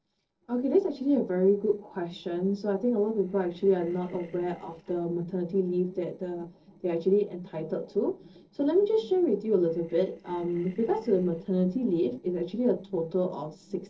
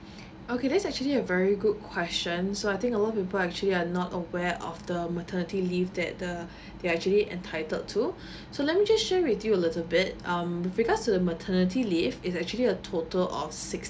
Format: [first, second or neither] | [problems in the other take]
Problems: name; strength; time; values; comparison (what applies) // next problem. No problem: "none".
second | noise reduction (neural separator model SepFormer DNS4)